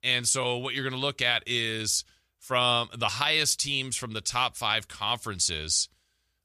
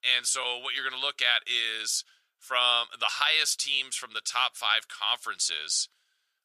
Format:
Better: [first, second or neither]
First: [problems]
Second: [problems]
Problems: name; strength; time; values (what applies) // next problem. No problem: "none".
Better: first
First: none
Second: thin; very; fading below 650 Hz